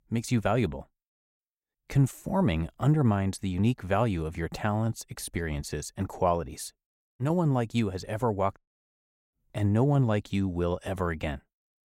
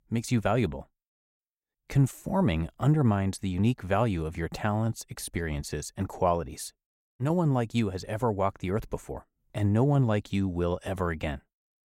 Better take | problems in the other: second | audio cutting out; at 8.5 s for 0.5 s

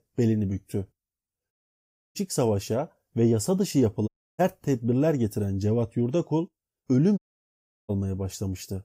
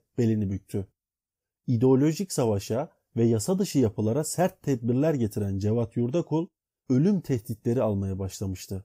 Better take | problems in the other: second | audio cutting out; at 1.5 s for 0.5 s, at 4 s and at 7 s for 0.5 s

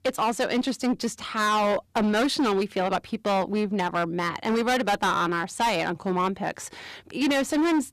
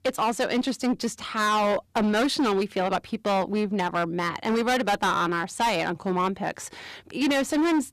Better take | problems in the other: neither | distortion; heavy; 16% of the sound clipped; the same in both

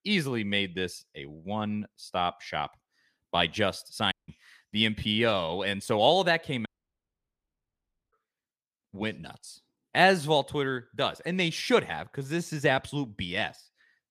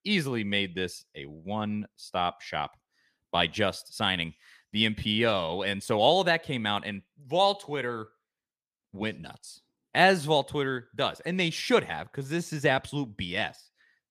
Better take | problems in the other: second | audio cutting out; at 4 s and at 6.5 s for 1.5 s

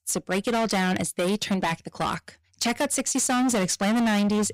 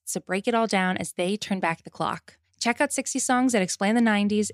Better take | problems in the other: second | distortion; heavy; 24% of the sound clipped

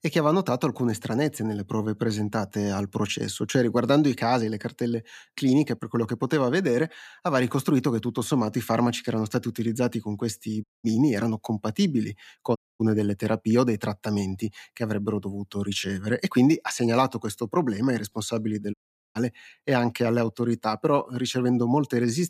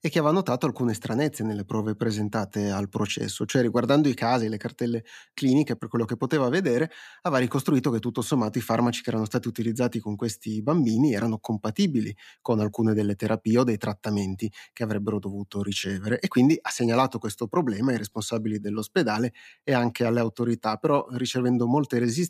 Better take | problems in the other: second | audio cutting out; at 11 s, at 13 s and at 19 s

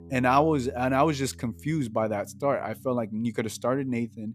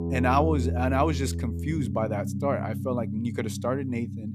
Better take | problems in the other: first | background music; loud; throughout; 3 dB below the speech; faint in the first

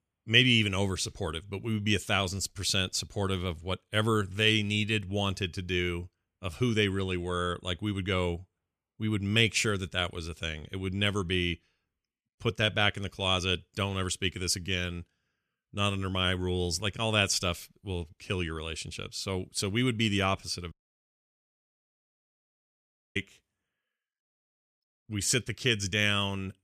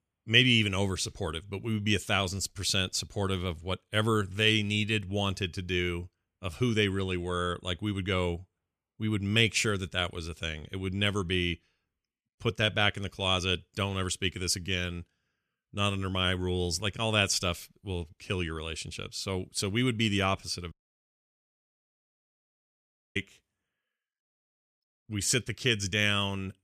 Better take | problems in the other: neither | audio cutting out; at 21 s for 2.5 s; the same in both

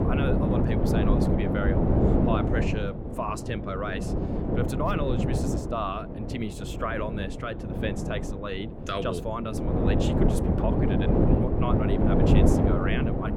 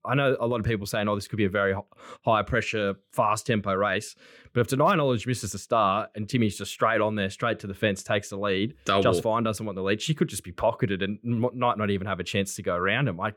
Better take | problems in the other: second | wind noise on the microphone; heavy; 2 dB above the speech

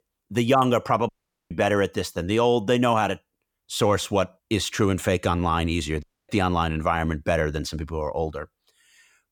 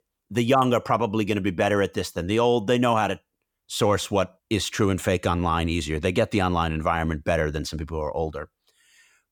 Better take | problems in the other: second | audio cutting out; at 1 s and at 6 s

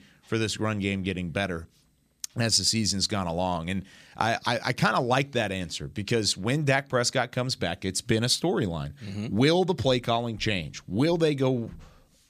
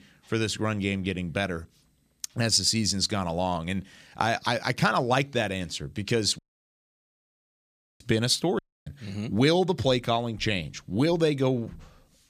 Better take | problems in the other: first | audio cutting out; at 6.5 s for 1.5 s and at 8.5 s

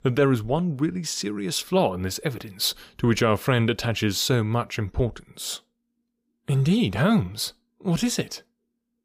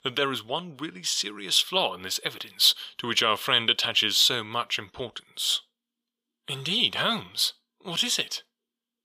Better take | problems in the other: first | thin; somewhat; fading below 1 kHz

